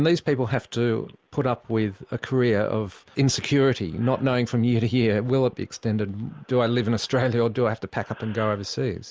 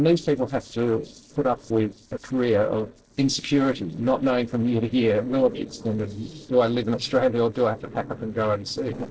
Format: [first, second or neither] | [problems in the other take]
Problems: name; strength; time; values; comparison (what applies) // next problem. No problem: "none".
first | noise reduction (neural separator model SepFormer DNS4)